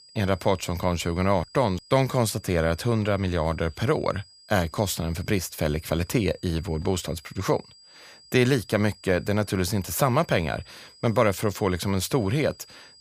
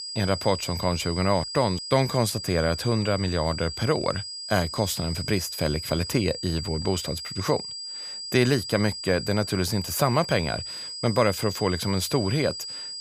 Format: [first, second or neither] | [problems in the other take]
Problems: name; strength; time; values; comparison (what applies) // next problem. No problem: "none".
first | high-pitched whine; loud; throughout; 5 kHz, 7 dB below the speech; faint in the first